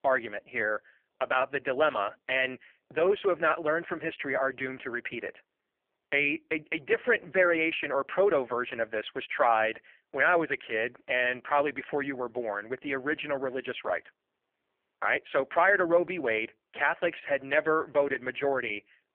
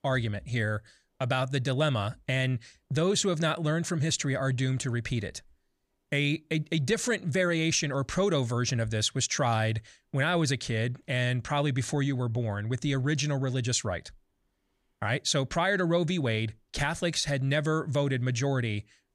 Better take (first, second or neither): second